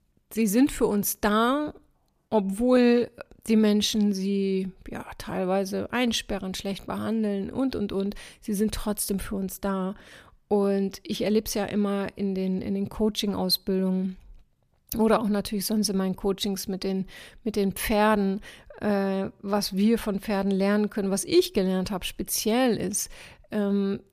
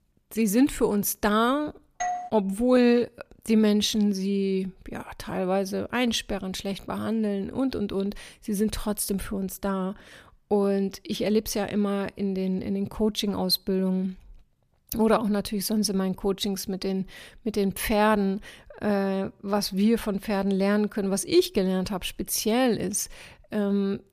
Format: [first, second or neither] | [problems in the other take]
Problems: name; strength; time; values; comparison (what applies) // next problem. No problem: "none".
first | doorbell; noticeable; at 2 s; peak 5 dB below the speech